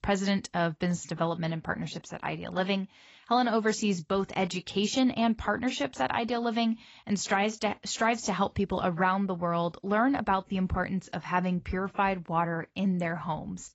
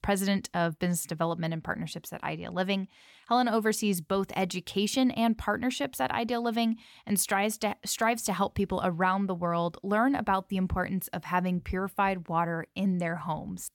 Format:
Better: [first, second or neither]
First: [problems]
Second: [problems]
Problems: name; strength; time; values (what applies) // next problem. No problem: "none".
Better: second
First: garbled, watery; badly; nothing above 7.5 kHz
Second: none